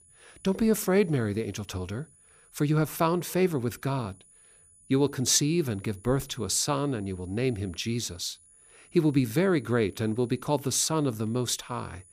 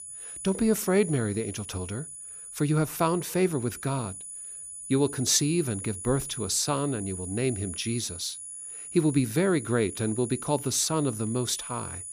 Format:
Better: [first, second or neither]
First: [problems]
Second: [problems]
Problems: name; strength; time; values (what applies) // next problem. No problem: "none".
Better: first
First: high-pitched whine; faint; throughout; 10 kHz, 25 dB below the speech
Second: high-pitched whine; loud; throughout; 10 kHz, 9 dB below the speech